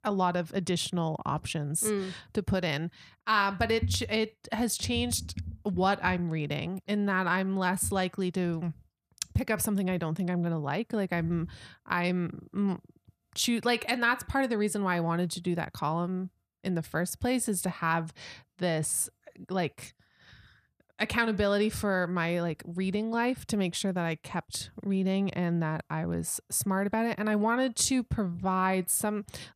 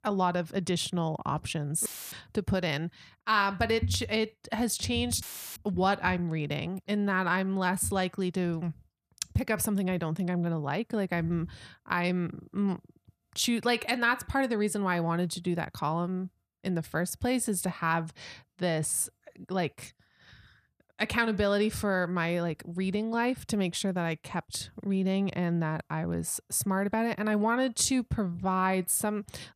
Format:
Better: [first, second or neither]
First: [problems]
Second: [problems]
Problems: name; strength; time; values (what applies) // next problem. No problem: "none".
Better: first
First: none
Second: audio cutting out; filled with static; at 2 s and at 5 s